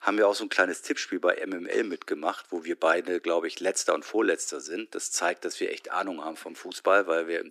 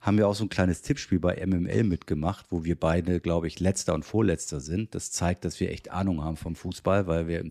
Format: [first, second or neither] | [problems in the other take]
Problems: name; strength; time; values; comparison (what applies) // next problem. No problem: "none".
second | thin; very; fading below 300 Hz